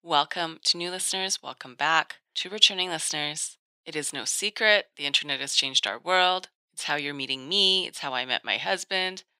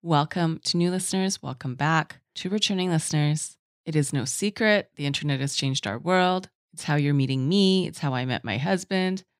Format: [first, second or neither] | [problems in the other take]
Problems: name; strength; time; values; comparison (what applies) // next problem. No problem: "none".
second | thin; very; fading below 600 Hz